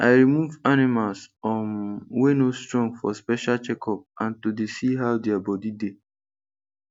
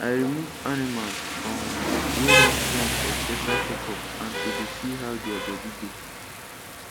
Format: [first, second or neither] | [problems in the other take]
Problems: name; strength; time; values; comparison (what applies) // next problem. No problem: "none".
first | background sound (Rain); 5 dB above the speech